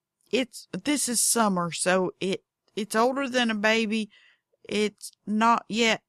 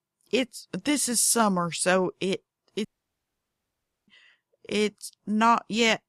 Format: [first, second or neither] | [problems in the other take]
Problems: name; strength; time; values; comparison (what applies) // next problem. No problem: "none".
first | audio cutting out; at 3 s for 1 s